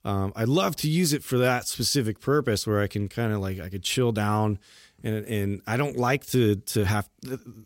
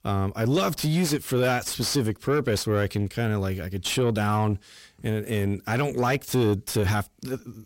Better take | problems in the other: first | distortion; slight; 10 dB below the speech

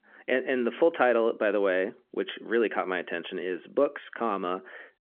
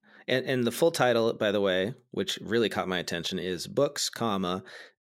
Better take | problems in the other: second | phone-call audio; nothing above 3.5 kHz

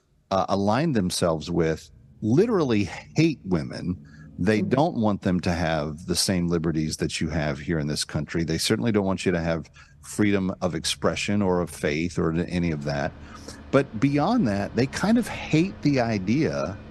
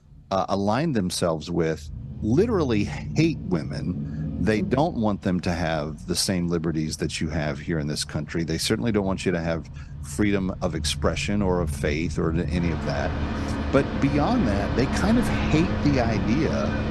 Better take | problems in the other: first | traffic noise; loud; throughout; 5 dB below the speech; faint in the first

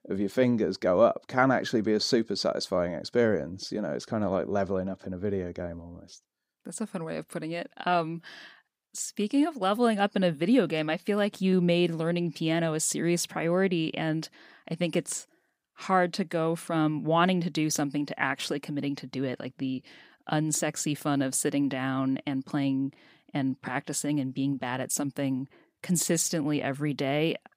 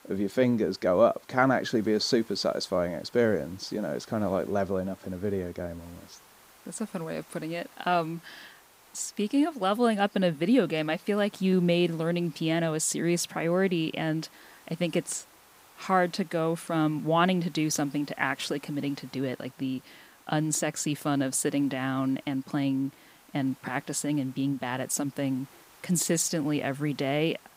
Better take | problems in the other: first | hiss; faint; throughout; 25 dB below the speech

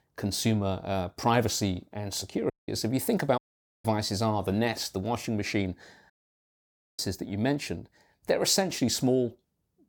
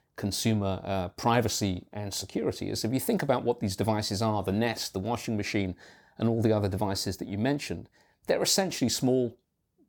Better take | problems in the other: second | audio cutting out; at 2.5 s, at 3.5 s and at 6 s for 1 s

